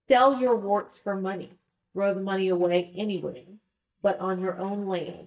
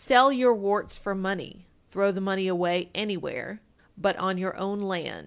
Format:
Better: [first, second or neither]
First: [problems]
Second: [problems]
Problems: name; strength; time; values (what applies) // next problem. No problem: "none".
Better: second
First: noise reduction (neural mask model DeepFilterNet 3)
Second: none